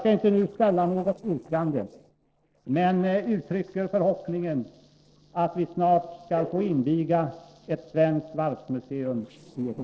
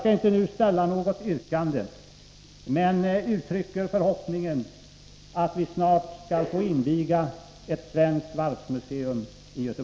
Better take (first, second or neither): second